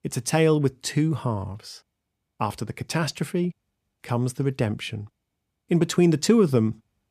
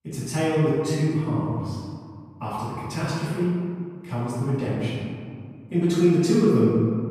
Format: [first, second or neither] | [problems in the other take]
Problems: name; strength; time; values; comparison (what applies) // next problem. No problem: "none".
first | off-mic speech; far // room echo; strong; dies away in 2 s